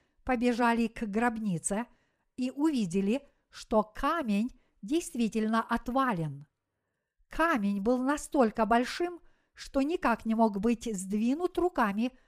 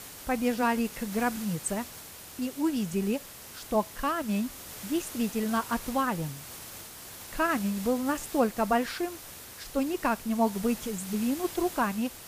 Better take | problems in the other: first | hiss; noticeable; throughout; 10 dB below the speech

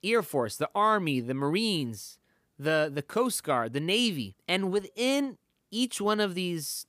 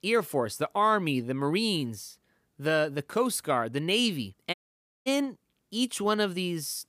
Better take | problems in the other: first | audio cutting out; at 4.5 s for 0.5 s

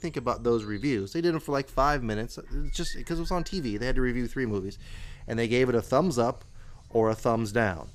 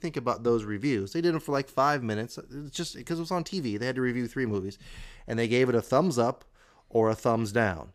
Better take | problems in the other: second | animal sounds; noticeable; throughout; 20 dB below the speech

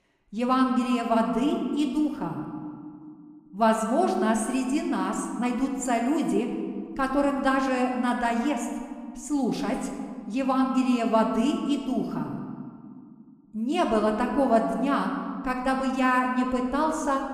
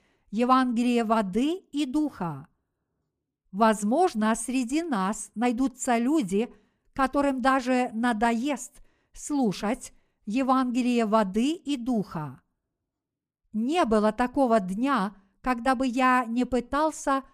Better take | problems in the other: second | room echo; slight; dies away in 1.5 s

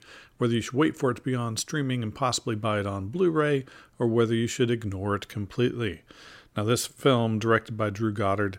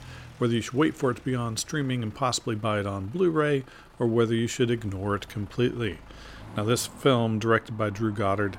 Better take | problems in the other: first | traffic noise; faint; throughout; 25 dB below the speech

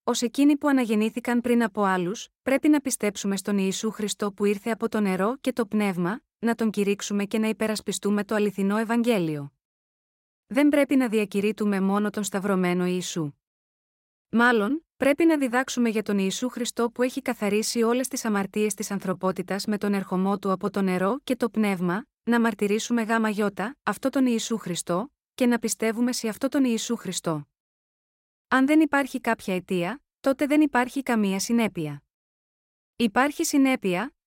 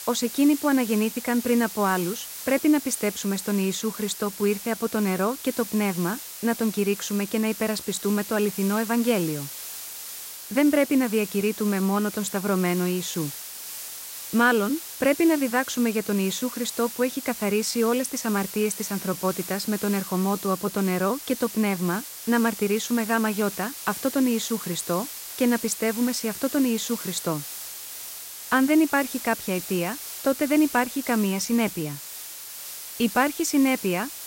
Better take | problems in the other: first | hiss; loud; throughout; 10 dB below the speech

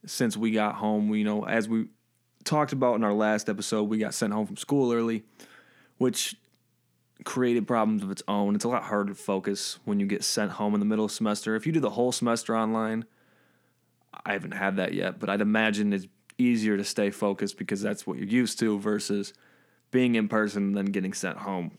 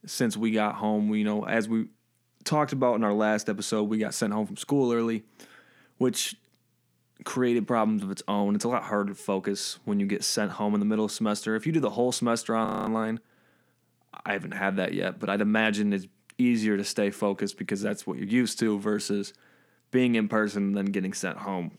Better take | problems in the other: first | audio freezing; at 13 s

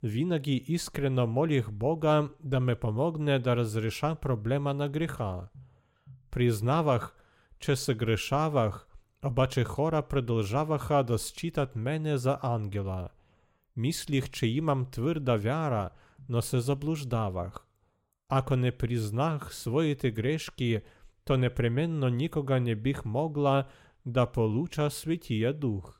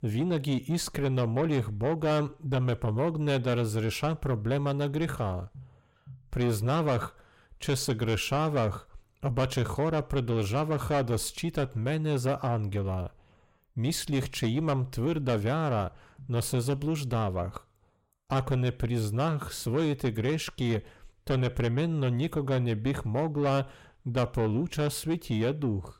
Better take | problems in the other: first | distortion; slight; 10 dB below the speech

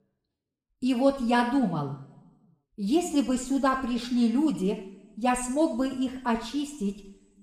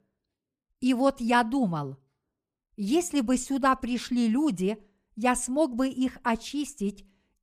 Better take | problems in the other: second | room echo; slight; dies away in 0.8 s // off-mic speech; somewhat distant

